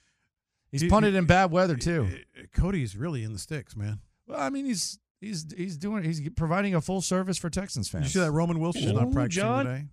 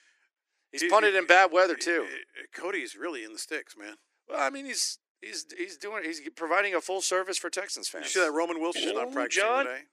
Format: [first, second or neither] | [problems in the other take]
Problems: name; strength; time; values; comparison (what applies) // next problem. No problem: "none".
first | thin; very; fading below 300 Hz